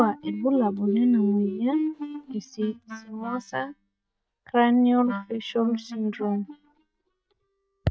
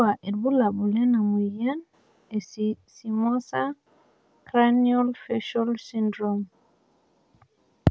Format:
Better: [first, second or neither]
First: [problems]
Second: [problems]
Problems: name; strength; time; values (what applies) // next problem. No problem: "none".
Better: second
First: noise reduction (neural mask model DeepFilterNet 3)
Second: none